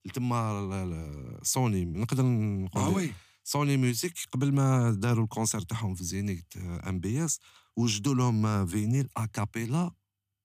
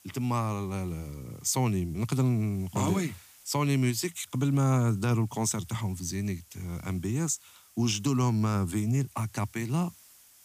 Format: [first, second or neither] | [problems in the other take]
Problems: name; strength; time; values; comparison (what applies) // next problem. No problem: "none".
first | hiss; faint; throughout; 25 dB below the speech